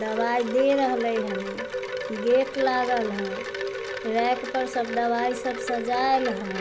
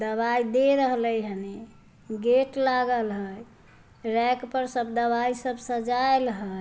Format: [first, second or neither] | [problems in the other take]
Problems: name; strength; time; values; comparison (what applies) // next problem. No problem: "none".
second | background sound (Wind chime); 6 dB below the speech